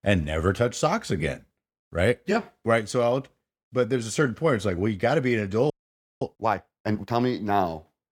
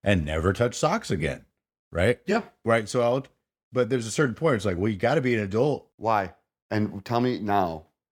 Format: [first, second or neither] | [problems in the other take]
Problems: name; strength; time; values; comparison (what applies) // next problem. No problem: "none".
second | audio freezing; at 5.5 s for 0.5 s